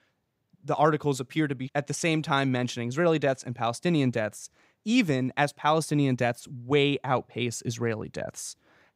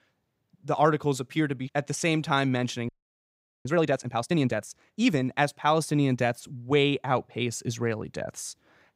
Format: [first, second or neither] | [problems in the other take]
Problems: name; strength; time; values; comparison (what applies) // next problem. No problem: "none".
first | audio freezing; at 3 s for 1 s